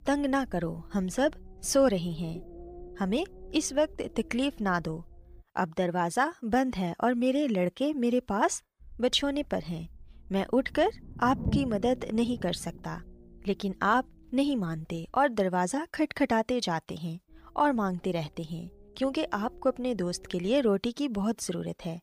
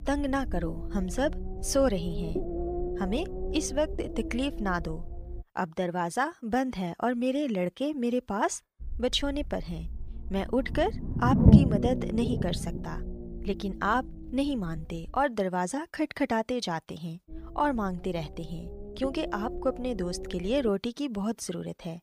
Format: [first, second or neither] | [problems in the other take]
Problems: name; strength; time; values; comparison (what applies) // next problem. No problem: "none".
first | low rumble; loud; until 5.5 s, from 9 to 15 s and from 17 to 21 s; 7 dB below the speech; faint in the first